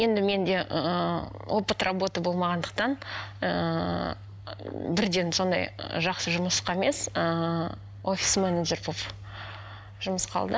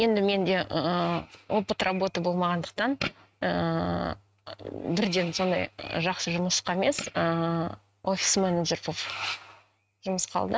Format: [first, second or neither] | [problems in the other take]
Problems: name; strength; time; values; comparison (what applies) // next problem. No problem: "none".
first | noise reduction (neural mask model RNNoise)